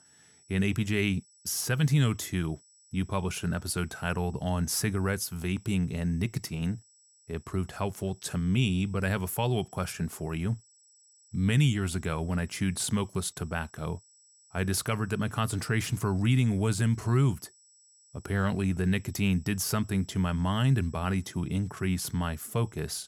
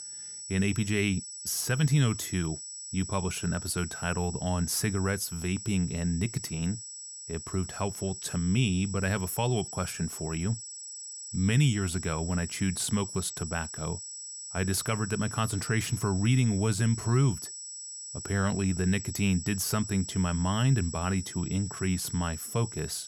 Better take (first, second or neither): first